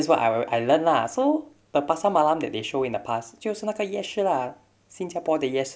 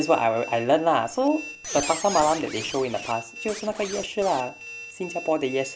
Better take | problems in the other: first | background sound (Squeak); 12 dB below the speech

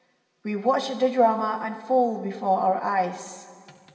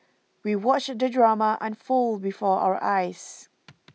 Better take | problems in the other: second | room echo; dies away in 2.9 s

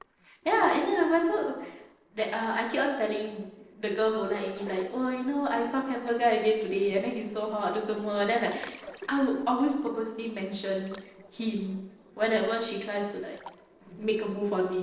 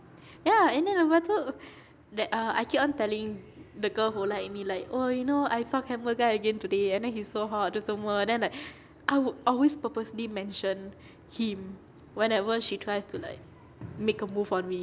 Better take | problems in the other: second | noise reduction (neural separator model SepFormer DNS4)

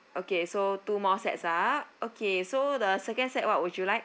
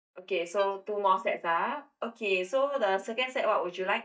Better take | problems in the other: first | noise reduction (neural mask model DeepFilterNet 3)

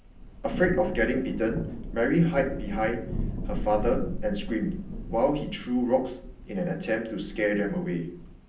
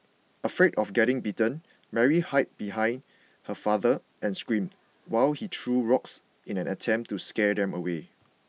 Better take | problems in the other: second | background sound (Thunder / Rain); 7 dB below the speech // room echo; dies away in 0.6 s

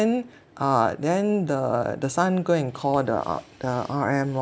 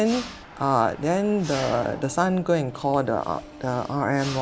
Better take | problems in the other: first | background sound (Mechanisms); 15 dB below the speech

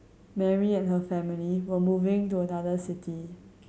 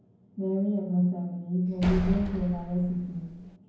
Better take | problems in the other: first | background sound (Slam); 7 dB below the speech // room echo; dies away in 0.9 s

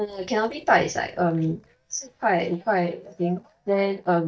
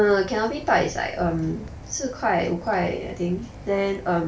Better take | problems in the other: second | noise reduction (neural mask model DeepFilterNet 3)

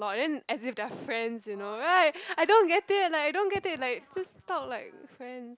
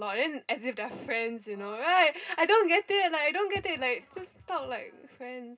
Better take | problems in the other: first | room echo; dies away in 0.2 s

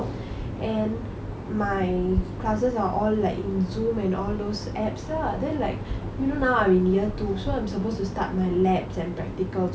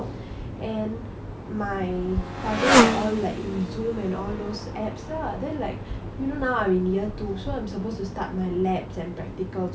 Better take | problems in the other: first | background sound (Motorcycle); 2 dB below the speech

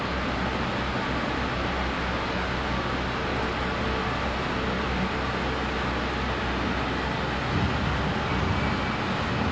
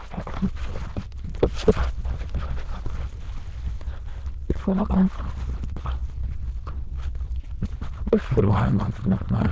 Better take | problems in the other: first | noise reduction (neural diffusion model UNIVERSE++)

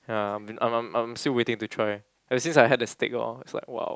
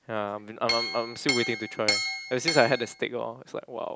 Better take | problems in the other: first | background sound (Chink, clink); 2 dB below the speech

